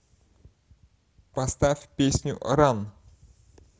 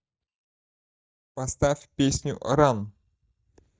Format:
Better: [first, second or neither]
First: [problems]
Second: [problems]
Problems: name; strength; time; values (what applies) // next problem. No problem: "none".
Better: first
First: none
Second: noise reduction (neural mask model DeepFilterNet 3)